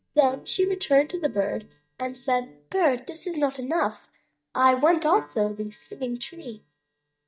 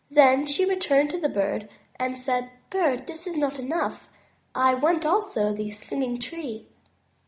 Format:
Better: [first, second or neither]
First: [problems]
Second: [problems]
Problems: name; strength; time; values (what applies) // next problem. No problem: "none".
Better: second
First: noise reduction (neural mask model DeepFilterNet 3)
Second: none